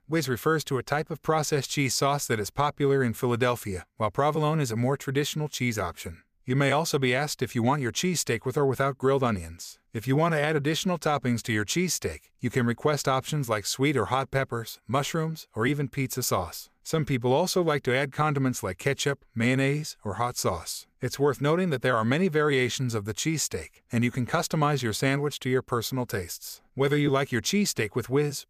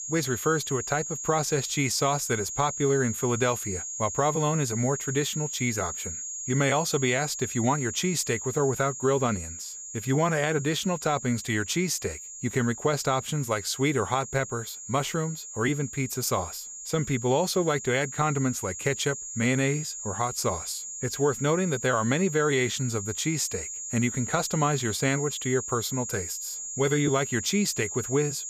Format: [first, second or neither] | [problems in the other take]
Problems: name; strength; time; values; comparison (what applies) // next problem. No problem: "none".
first | high-pitched whine; loud; throughout; 7 kHz, 7 dB below the speech